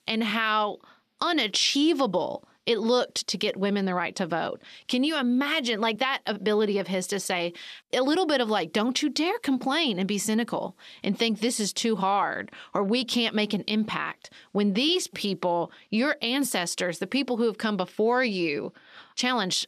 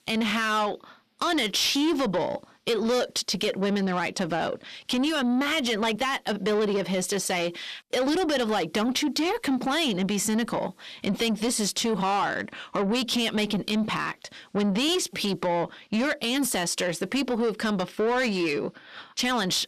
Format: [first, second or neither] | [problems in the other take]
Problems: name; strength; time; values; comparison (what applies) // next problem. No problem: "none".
first | distortion; slight; 10 dB below the speech